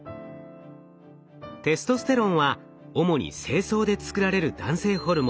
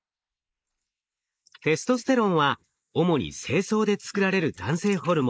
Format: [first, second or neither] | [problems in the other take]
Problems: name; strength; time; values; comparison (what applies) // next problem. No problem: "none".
first | noise reduction (neural mask model Resemble Enhance denoiser)